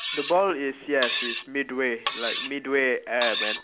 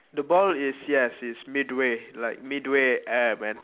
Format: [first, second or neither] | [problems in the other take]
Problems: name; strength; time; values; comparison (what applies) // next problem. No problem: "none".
second | background sound (Cutlery, silverware); 6 dB below the speech